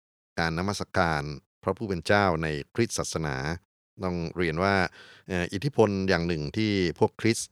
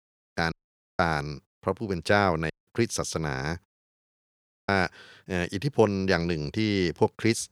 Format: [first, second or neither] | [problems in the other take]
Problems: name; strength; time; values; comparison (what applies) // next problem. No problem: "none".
first | audio cutting out; at 0.5 s, at 2.5 s and at 3.5 s for 1 s